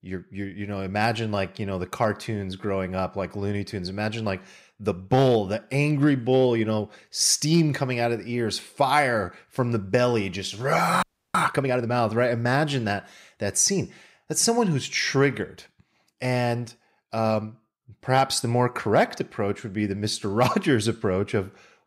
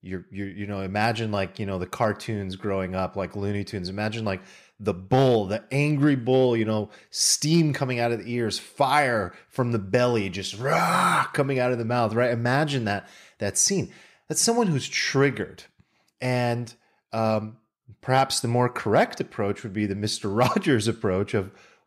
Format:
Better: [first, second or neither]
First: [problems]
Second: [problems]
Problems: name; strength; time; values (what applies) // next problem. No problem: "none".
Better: second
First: audio freezing; at 11 s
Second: none